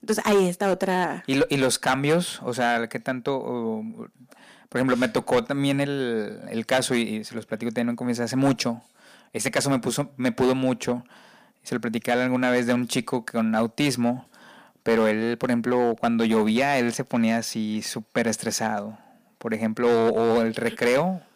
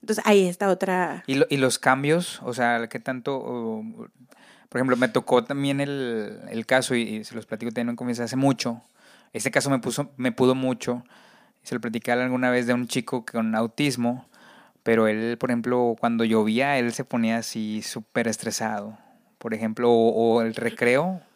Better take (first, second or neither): second